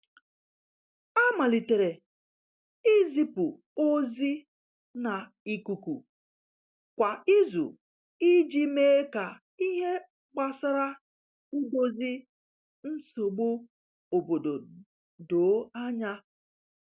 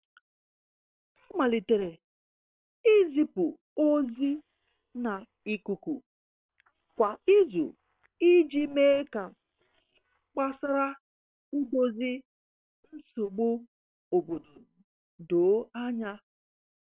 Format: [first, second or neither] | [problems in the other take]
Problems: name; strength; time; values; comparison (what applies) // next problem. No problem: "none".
first | noise reduction (neural separator model SepFormer WHAM!)